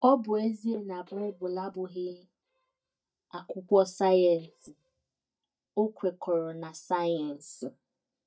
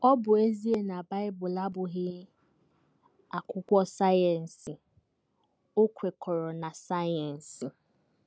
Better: second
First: noise reduction (neural mask model DeepFilterNet 3)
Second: none

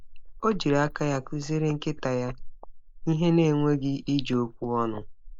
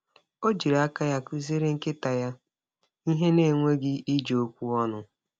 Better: second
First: noise reduction (neural mask model Resemble Enhance denoiser)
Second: none

